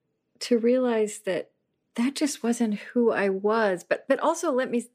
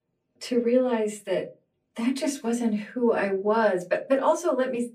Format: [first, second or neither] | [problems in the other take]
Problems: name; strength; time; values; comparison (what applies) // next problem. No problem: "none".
first | off-mic speech; far // room echo; very slight; dies away in 0.2 s